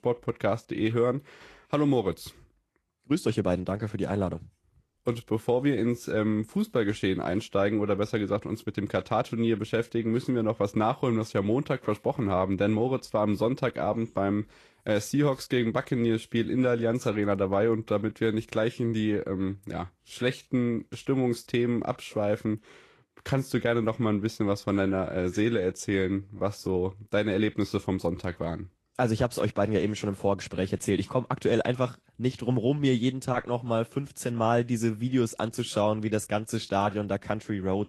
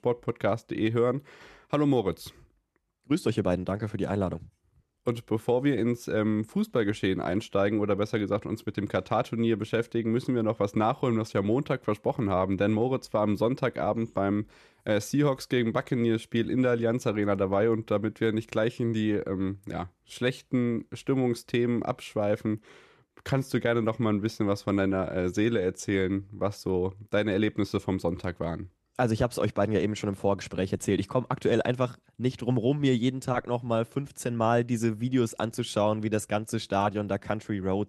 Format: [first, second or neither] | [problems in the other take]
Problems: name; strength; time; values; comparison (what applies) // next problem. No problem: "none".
second | garbled, watery; slightly; nothing above 13.5 kHz